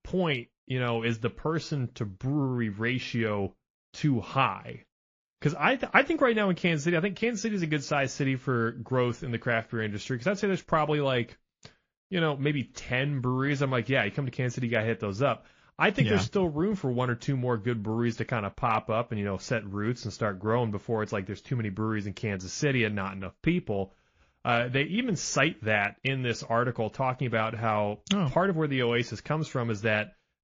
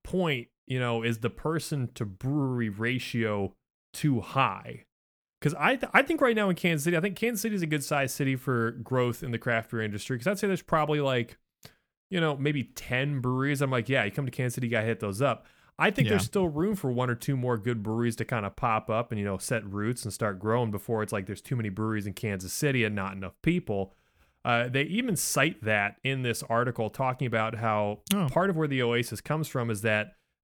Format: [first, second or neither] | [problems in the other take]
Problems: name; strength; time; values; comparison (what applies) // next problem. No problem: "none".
second | garbled, watery; slightly